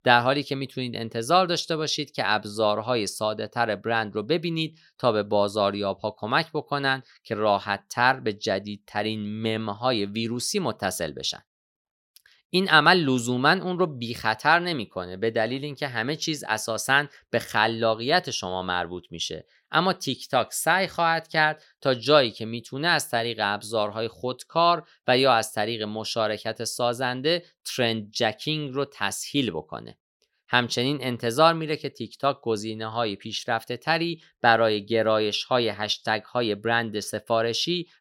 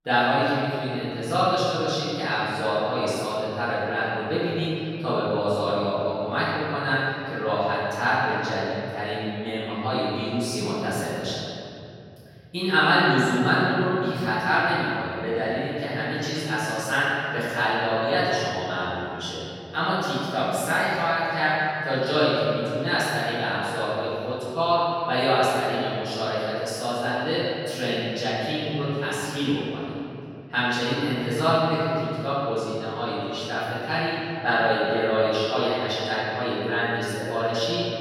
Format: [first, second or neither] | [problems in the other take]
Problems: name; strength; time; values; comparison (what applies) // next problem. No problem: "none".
first | room echo; strong; dies away in 3 s // off-mic speech; far